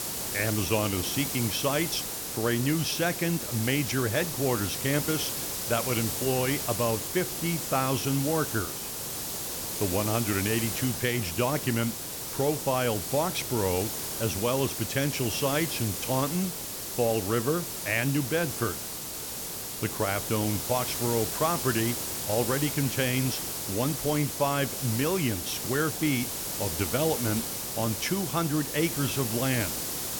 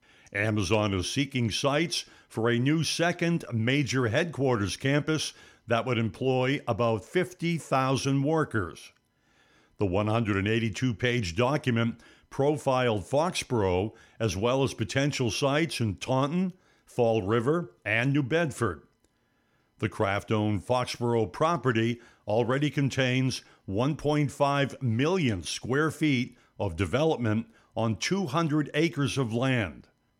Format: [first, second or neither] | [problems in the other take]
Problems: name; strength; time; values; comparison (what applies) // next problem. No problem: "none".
second | hiss; loud; throughout; 2 dB below the speech